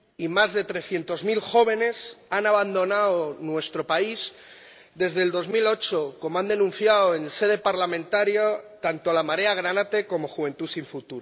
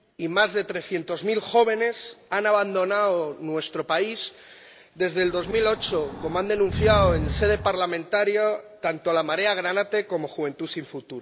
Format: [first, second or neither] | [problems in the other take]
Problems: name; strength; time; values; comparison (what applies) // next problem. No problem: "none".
first | background sound (Breathing); 5 dB below the speech